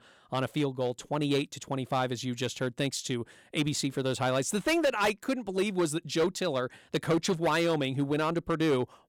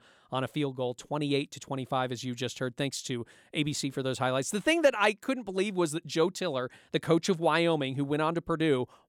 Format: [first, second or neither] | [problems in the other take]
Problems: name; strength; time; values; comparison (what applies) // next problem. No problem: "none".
second | distortion; slight; 6% of the sound clipped